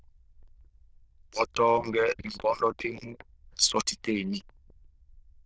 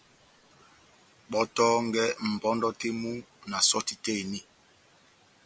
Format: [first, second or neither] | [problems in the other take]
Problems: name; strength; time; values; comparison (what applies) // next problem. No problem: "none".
second | noise reduction (neural diffusion model UNIVERSE++)